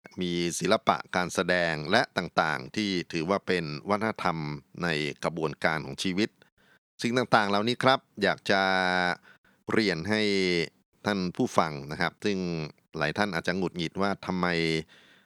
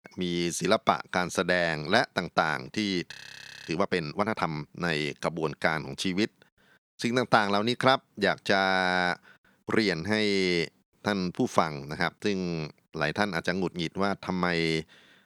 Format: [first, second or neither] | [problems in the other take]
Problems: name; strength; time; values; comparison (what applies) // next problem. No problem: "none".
first | audio freezing; at 3 s for 0.5 s